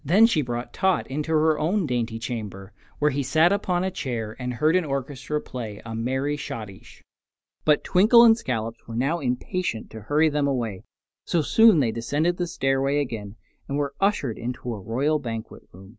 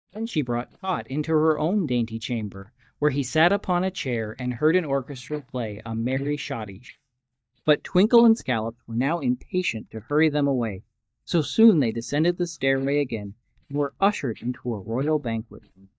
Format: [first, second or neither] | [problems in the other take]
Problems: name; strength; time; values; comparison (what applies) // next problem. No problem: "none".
first | noise reduction (neural mask model DeepFilterNet 3)